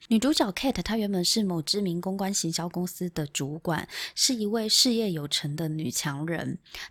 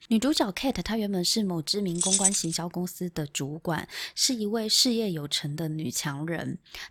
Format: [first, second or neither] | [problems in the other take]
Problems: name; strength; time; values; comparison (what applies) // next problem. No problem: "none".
first | jangling keys; loud; at 2 s; peak 6 dB above the speech